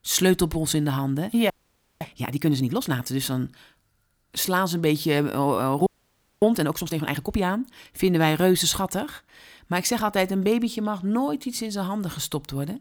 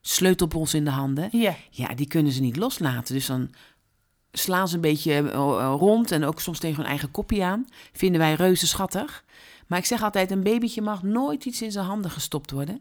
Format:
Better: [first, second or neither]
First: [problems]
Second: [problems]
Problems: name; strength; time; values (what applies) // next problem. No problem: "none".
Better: second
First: audio freezing; at 1.5 s for 0.5 s and at 6 s for 0.5 s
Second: none